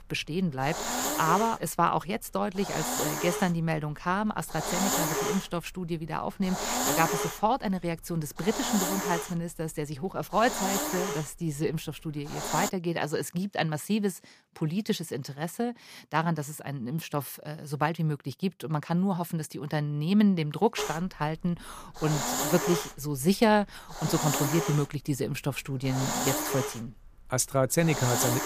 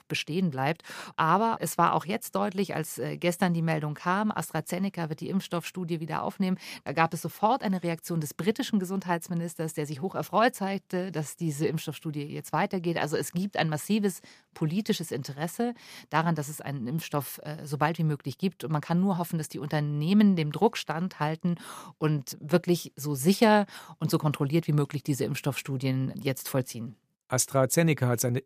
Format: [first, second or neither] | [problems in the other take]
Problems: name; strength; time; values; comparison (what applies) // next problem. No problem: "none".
second | hiss; loud; until 13 s and from 21 s on; 2 dB below the speech